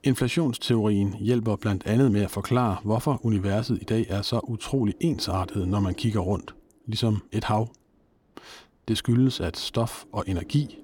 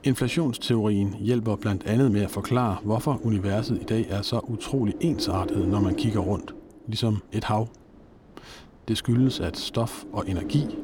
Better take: first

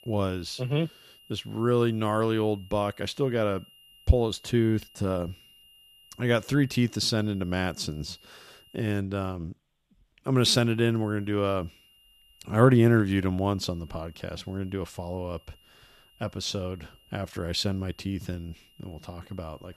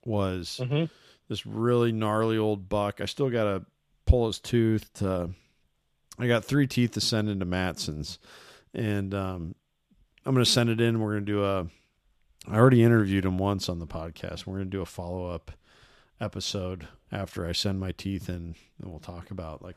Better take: second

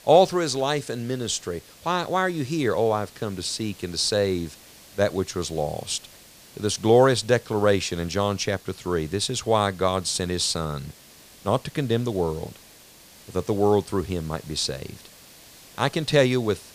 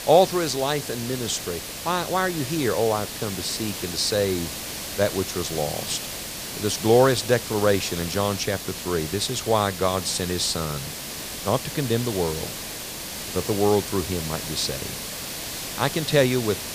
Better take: first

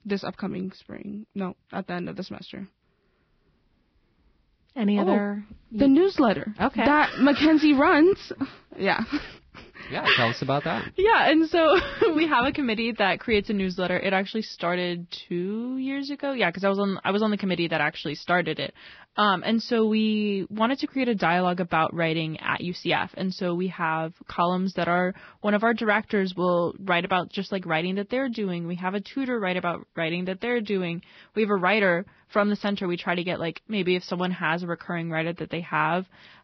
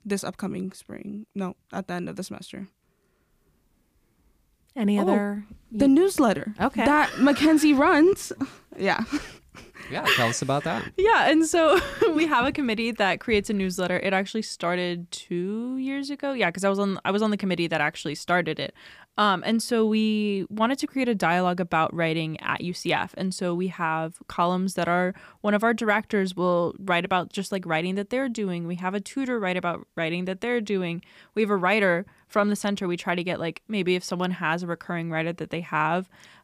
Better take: second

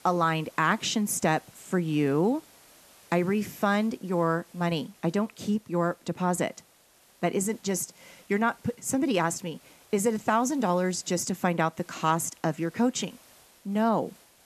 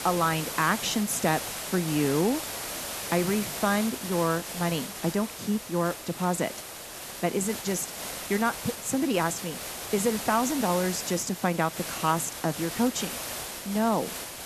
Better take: first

